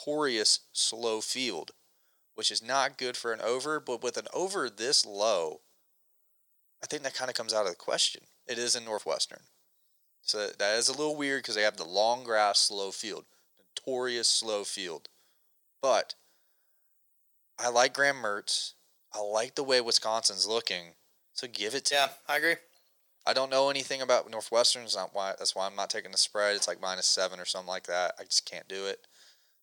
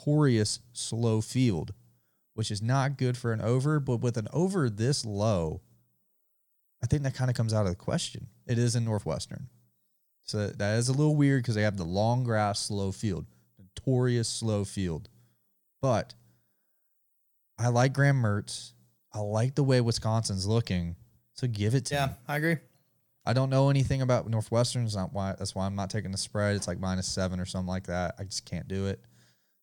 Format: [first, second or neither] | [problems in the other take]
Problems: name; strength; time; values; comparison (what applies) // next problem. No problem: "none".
second | thin; very; fading below 450 Hz